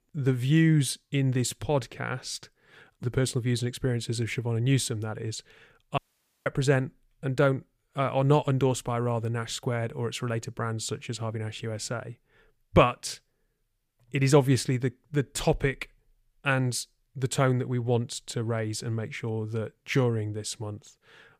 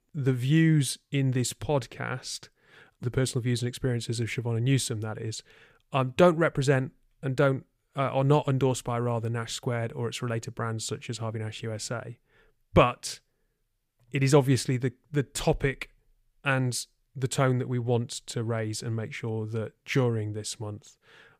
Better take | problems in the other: second | audio cutting out; at 6 s

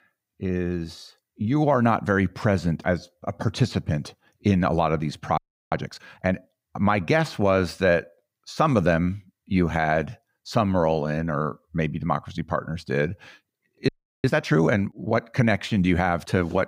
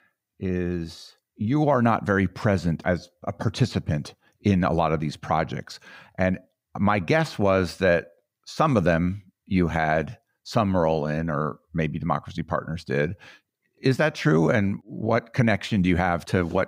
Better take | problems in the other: second | audio freezing; at 5.5 s and at 14 s

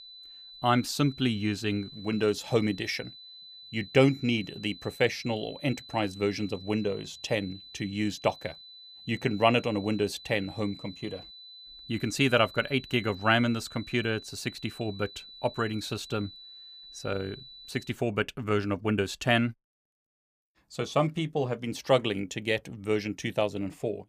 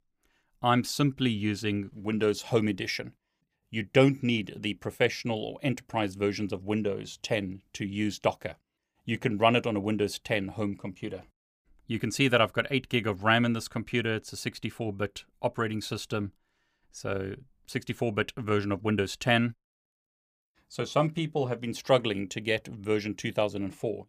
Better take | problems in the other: second | high-pitched whine; noticeable; until 18 s; 4 kHz, 15 dB below the speech

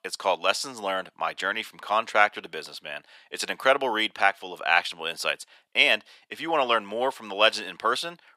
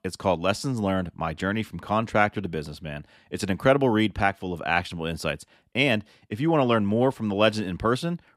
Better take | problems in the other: second | thin; very; fading below 700 Hz

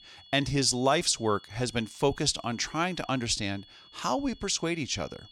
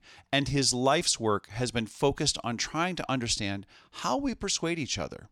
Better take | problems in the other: second | high-pitched whine; faint; throughout; 3.5 kHz, 25 dB below the speech

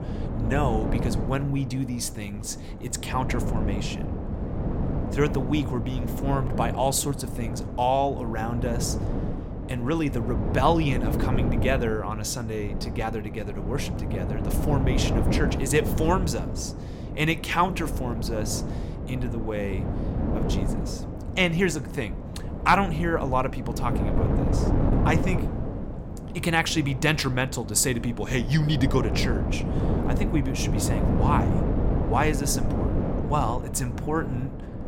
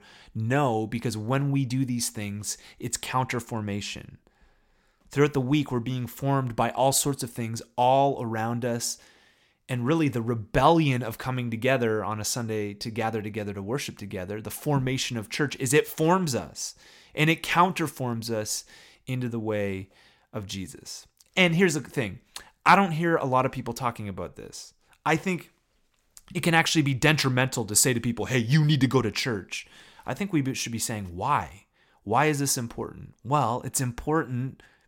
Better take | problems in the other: second | wind noise on the microphone; heavy; 7 dB below the speech

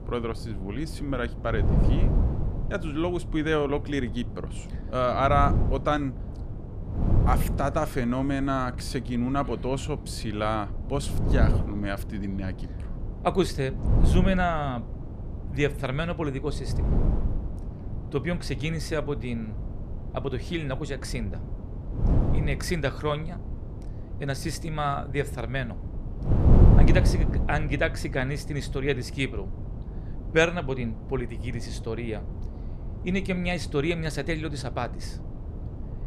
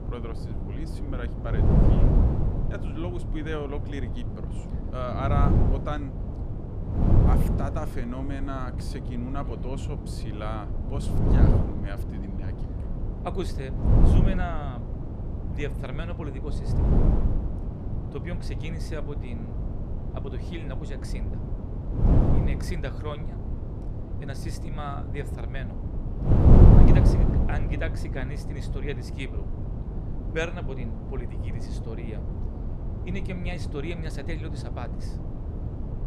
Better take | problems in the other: first | wind noise on the microphone; heavy; as loud as the speech; occasional gusts in the first

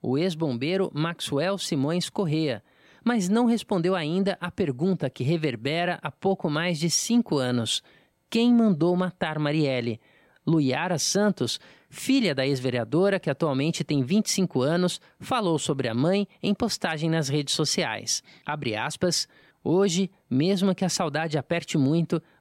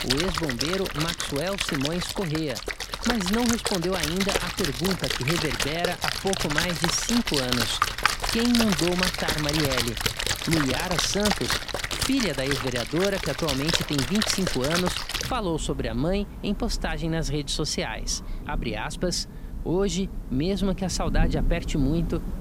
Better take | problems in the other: first | rain or running water; very loud; throughout; as loud as the speech

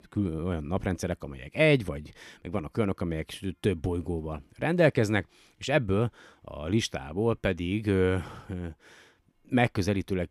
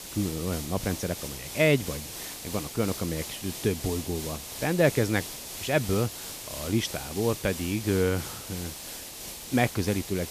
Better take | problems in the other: first | hiss; loud; throughout; 8 dB below the speech

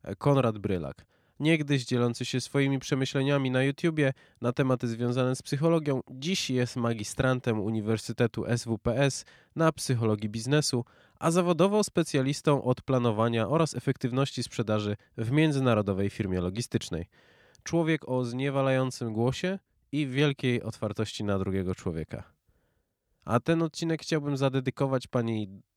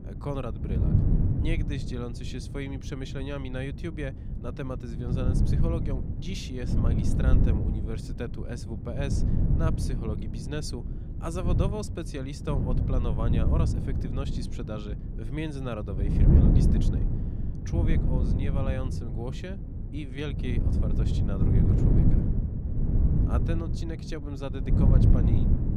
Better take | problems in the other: first | wind noise on the microphone; heavy; as loud as the speech

